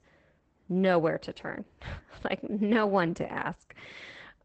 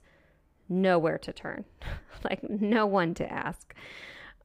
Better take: second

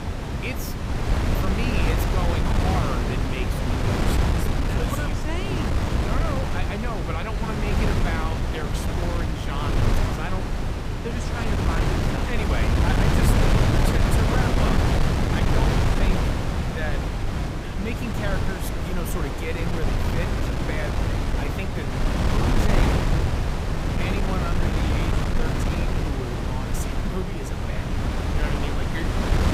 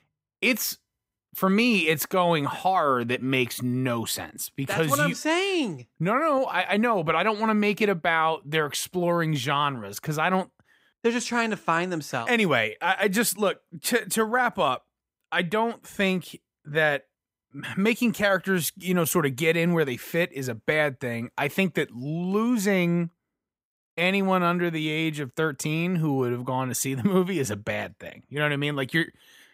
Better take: second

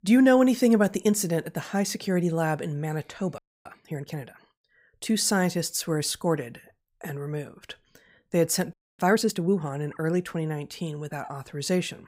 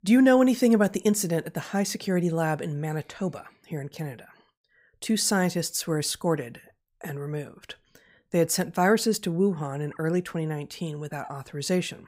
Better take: second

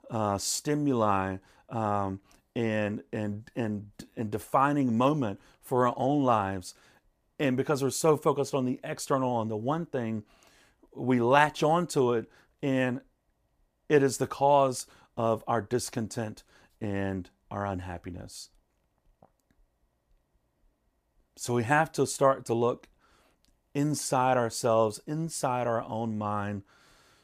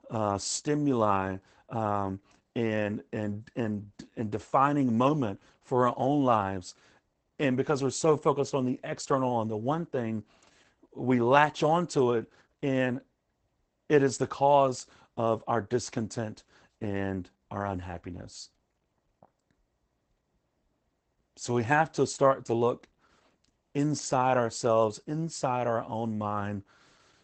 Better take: first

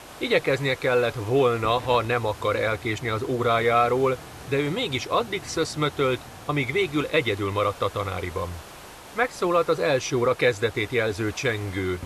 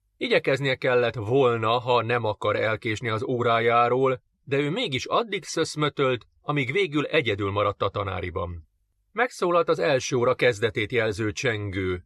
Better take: second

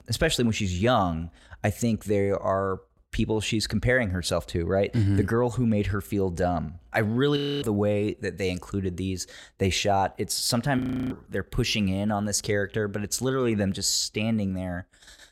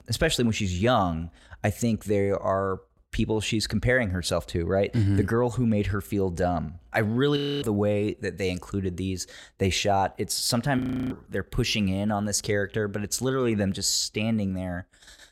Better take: neither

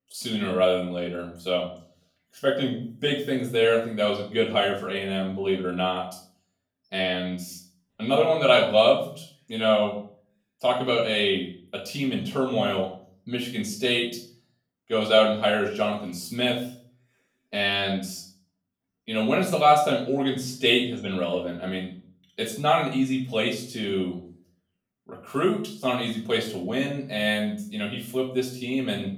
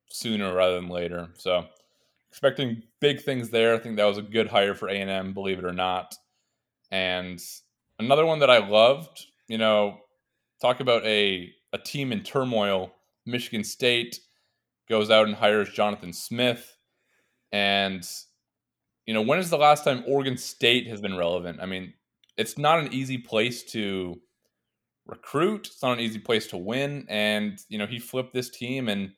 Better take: second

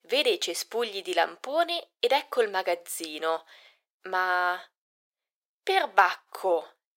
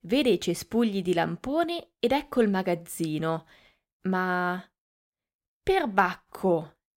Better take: second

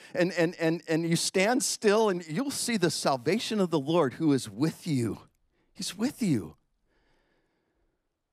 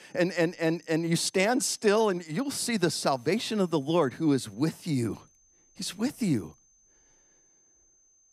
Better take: first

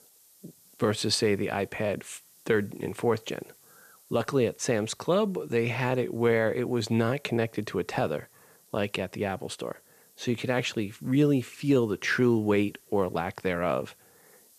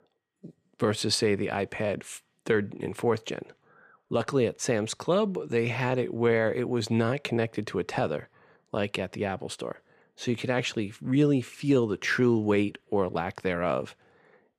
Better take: second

